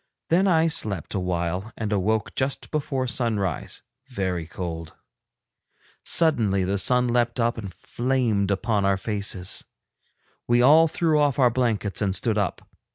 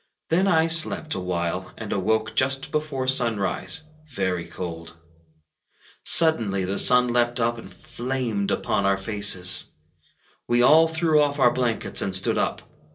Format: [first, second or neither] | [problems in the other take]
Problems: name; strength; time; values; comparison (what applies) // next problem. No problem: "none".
first | room echo; dies away in 0.2 s